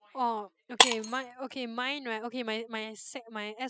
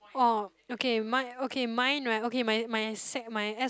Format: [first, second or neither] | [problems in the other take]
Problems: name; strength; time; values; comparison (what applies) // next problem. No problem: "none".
second | noise reduction (classical method spectral subtraction)